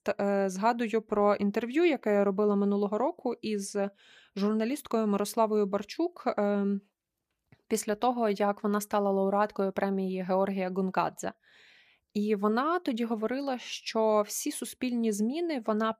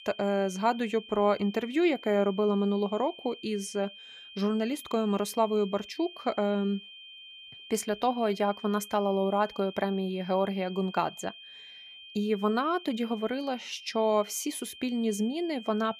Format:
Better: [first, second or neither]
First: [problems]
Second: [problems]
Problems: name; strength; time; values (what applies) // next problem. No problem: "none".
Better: first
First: none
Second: high-pitched whine; noticeable; throughout; 3 kHz, 15 dB below the speech